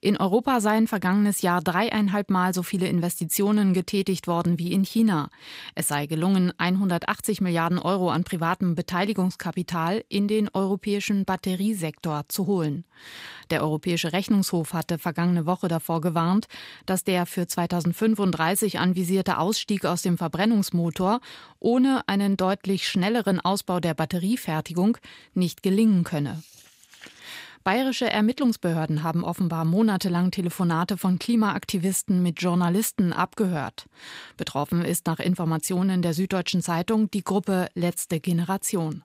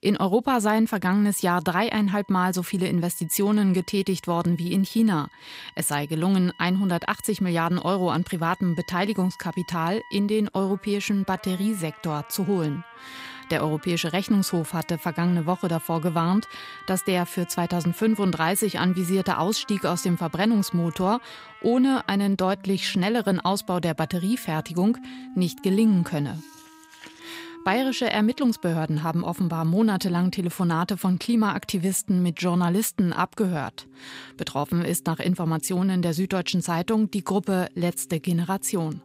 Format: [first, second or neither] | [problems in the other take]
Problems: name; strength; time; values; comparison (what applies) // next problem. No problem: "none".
first | background music; faint; throughout; 20 dB below the speech